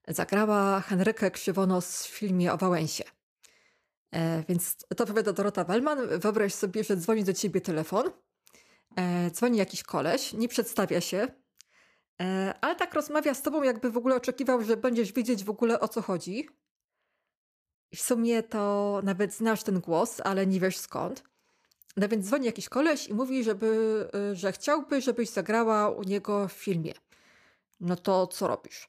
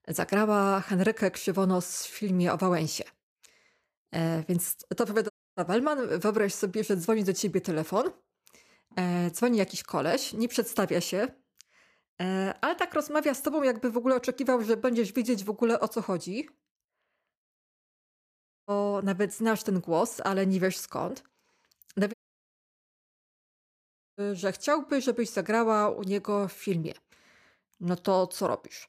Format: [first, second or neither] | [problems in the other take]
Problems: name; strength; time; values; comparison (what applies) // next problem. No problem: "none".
first | audio cutting out; at 5.5 s, at 18 s for 1 s and at 22 s for 2 s